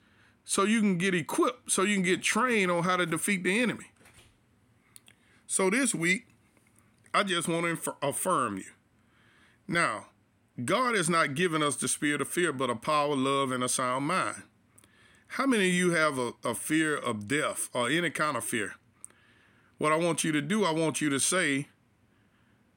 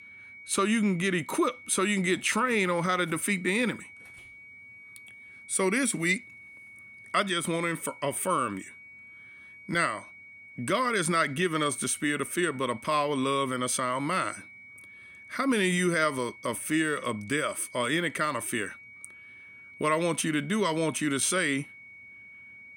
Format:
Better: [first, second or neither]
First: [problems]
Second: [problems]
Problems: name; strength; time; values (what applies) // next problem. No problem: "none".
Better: first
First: none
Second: high-pitched whine; noticeable; throughout; 2 kHz, 20 dB below the speech